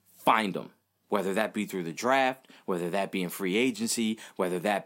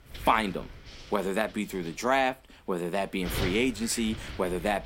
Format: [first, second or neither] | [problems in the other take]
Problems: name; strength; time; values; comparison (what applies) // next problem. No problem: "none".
first | wind noise on the microphone; occasional gusts; 15 dB below the speech